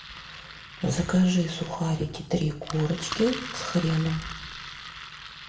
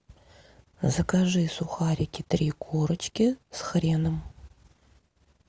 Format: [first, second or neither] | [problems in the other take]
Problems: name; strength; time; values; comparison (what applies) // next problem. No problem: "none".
second | background sound (Engine); 12 dB below the speech // room echo; dies away in 0.6 s